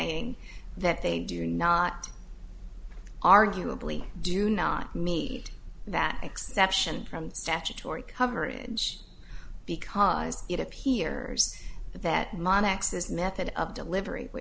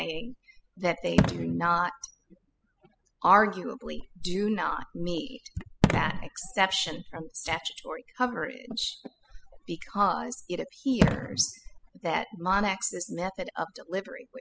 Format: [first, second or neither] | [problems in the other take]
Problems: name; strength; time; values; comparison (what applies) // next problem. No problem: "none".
first | noise reduction (classical method spectral subtraction)